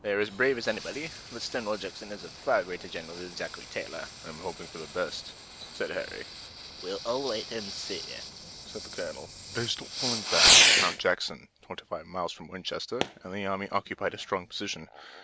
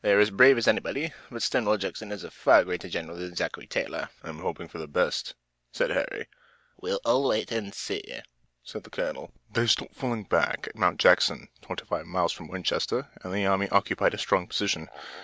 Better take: second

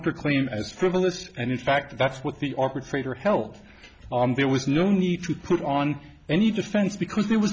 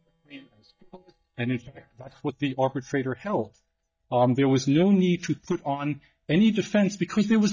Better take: first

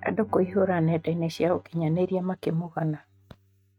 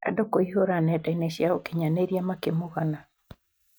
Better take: second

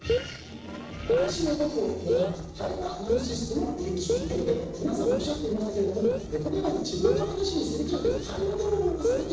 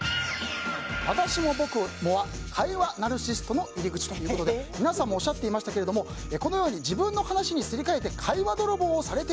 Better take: second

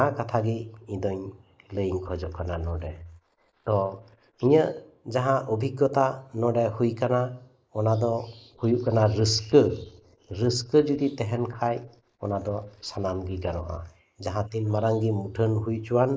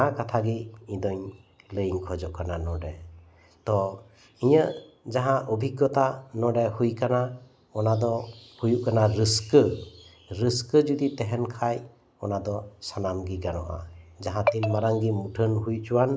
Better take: second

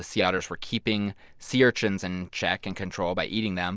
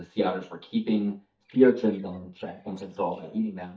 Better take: first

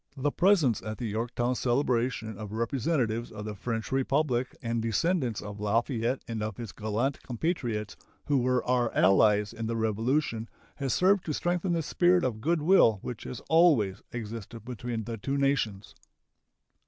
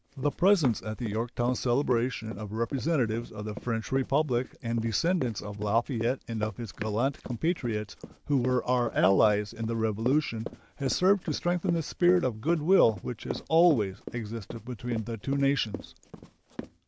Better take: first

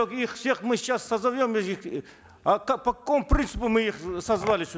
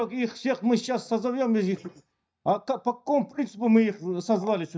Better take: first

